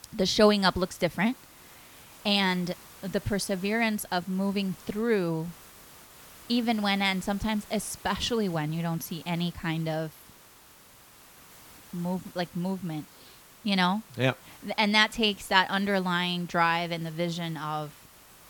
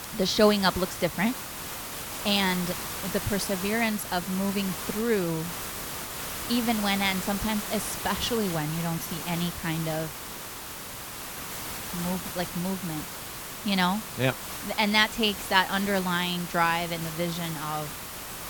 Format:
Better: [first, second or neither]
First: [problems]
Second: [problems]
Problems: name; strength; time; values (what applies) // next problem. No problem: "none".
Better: first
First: hiss; faint; throughout; 20 dB below the speech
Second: hiss; loud; throughout; 7 dB below the speech